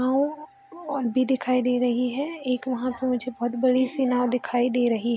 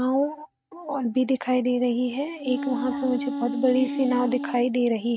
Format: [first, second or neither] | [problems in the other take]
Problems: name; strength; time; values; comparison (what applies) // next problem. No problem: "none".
first | noise reduction (neural mask model RNNoise)